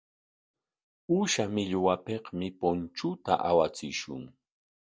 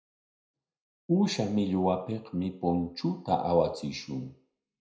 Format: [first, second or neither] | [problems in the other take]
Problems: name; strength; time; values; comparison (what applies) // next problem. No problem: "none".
first | room echo; dies away in 0.5 s